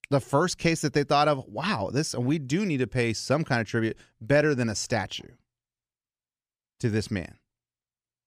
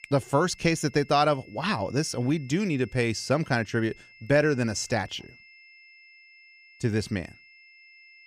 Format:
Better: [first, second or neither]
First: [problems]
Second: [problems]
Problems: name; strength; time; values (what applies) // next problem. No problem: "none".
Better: first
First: none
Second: high-pitched whine; faint; throughout; 2 kHz, 25 dB below the speech